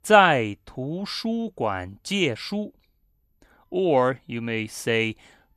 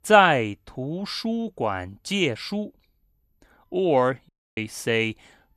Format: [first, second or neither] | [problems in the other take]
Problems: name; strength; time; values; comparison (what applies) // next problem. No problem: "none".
first | audio cutting out; at 4.5 s